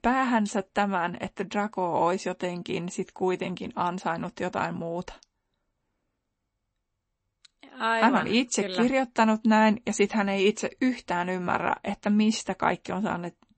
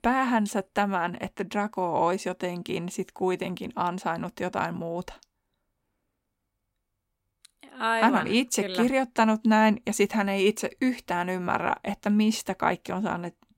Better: second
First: garbled, watery; slightly; nothing above 8 kHz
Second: none

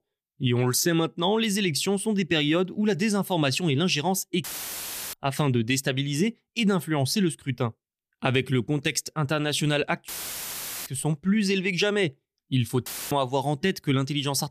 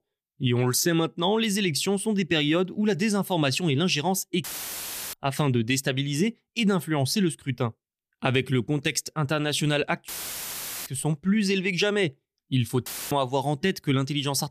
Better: neither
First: audio cutting out; filled with static; at 4.5 s for 0.5 s, at 10 s for 1 s and at 13 s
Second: audio cutting out; filled with static; at 4.5 s for 0.5 s, at 10 s for 1 s and at 13 s

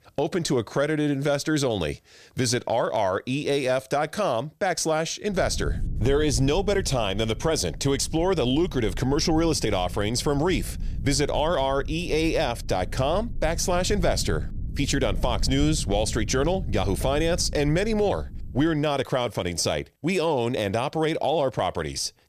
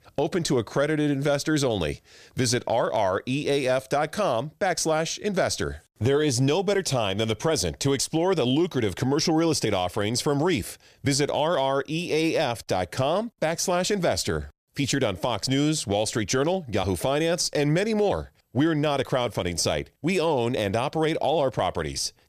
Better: second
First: low rumble; faint; from 5.5 to 19 s; 25 dB below the speech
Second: none

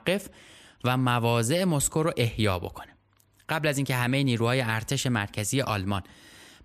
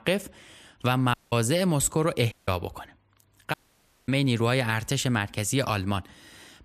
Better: first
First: none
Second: audio cutting out; at 1 s, at 2.5 s and at 3.5 s for 0.5 s

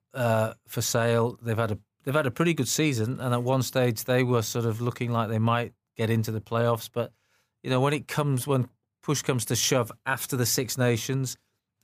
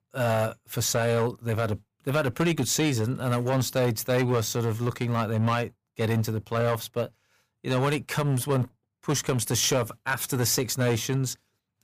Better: first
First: none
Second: distortion; slight; 7% of the sound clipped

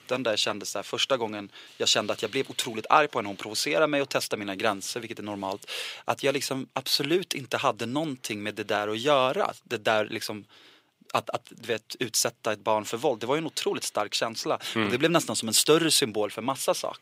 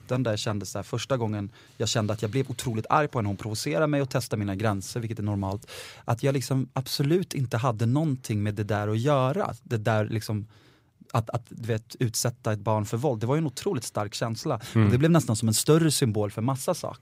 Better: second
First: thin; somewhat; fading below 350 Hz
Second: none

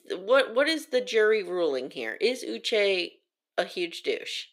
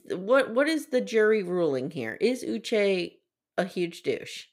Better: second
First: thin; somewhat; fading below 400 Hz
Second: none

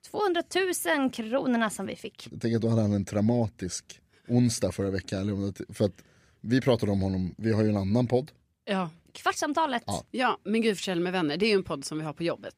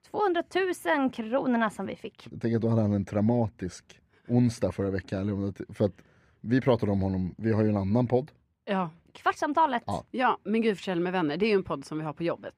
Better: first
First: none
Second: muffled; slightly; fading above 3.5 kHz

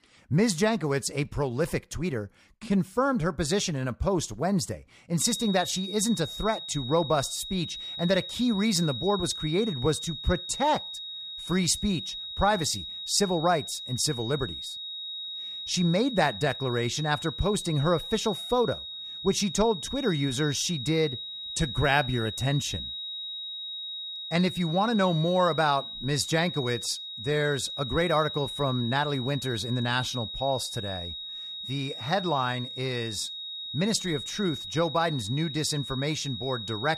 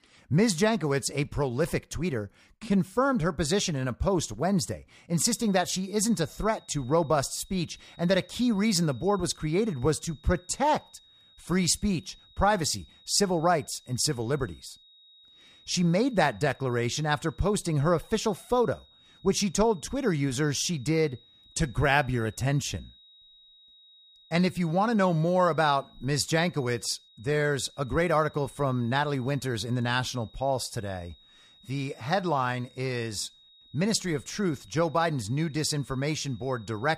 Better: second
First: high-pitched whine; loud; from 5 s on; 4 kHz, 7 dB below the speech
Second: high-pitched whine; faint; from 5 s on; 4 kHz, 25 dB below the speech

